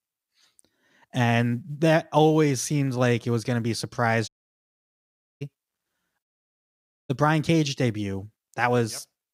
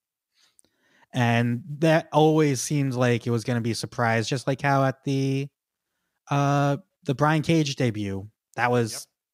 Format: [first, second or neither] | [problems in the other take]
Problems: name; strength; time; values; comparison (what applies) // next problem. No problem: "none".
second | audio cutting out; at 4.5 s for 1 s and at 6 s for 1 s